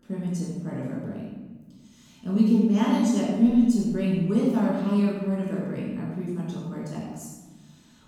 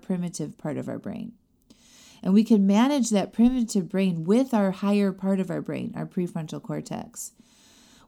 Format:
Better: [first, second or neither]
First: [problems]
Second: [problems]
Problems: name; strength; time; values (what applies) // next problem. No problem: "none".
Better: second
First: off-mic speech; far // room echo; strong; dies away in 1.2 s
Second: none